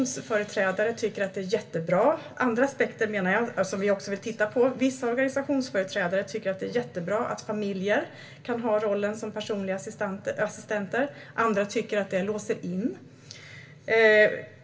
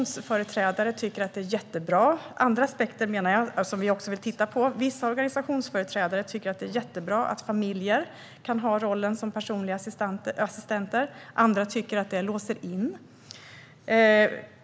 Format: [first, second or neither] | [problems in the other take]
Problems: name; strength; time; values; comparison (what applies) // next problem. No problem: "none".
second | room echo; dies away in 0.2 s